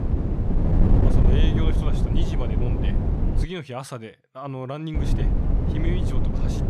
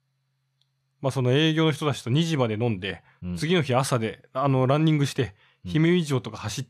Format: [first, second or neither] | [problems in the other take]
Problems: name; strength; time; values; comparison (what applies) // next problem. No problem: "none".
second | wind noise on the microphone; heavy; until 3.5 s and from 5 s on; 2 dB above the speech